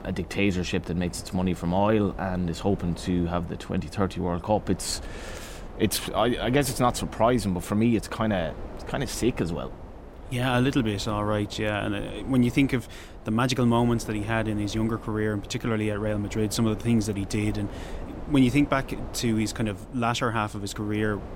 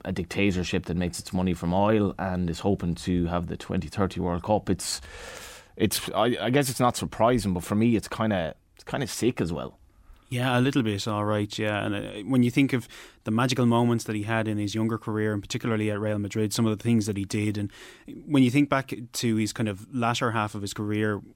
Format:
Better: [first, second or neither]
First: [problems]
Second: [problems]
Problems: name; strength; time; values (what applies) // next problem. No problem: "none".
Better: second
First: wind noise on the microphone; occasional gusts; 15 dB below the speech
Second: none